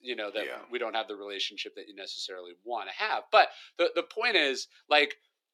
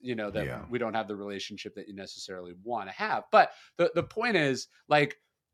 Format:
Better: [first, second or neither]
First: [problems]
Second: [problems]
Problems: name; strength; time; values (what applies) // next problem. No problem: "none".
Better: second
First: thin; somewhat; fading below 300 Hz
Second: none